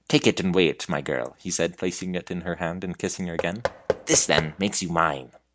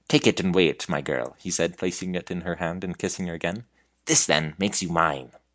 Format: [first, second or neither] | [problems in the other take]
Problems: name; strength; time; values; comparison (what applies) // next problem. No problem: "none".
second | background sound (Knock / Wood); 6 dB below the speech